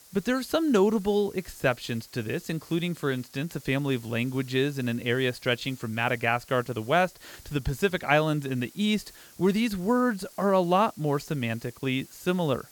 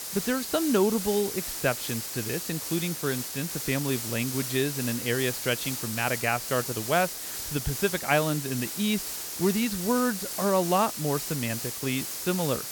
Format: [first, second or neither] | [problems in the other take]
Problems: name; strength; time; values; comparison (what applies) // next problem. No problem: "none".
first | hiss; loud; throughout; 4 dB below the speech; faint in the first